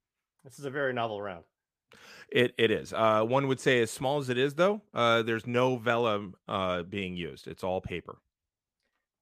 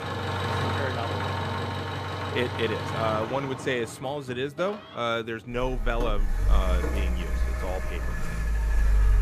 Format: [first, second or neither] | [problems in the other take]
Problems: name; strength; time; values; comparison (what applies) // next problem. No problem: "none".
first | traffic noise; very loud; throughout; 2 dB above the speech